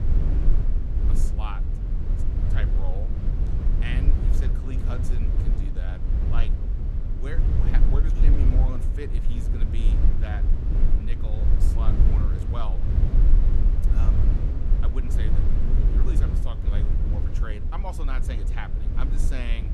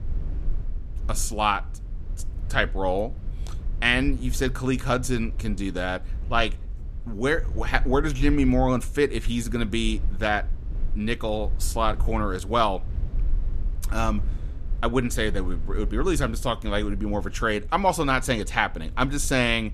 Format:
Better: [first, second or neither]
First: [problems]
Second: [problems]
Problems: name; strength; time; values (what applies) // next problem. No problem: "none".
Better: second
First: low rumble; loud; throughout; as loud as the speech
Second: low rumble; faint; throughout; 25 dB below the speech